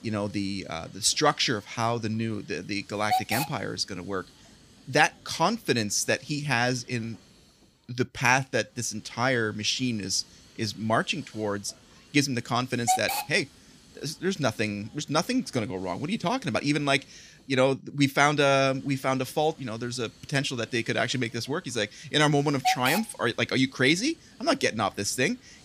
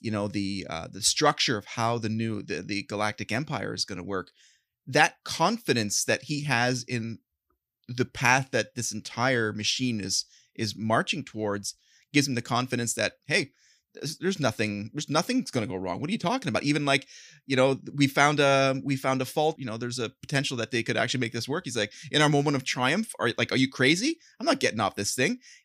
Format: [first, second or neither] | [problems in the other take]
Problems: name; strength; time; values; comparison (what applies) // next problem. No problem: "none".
second | hiss; loud; throughout; 4 dB below the speech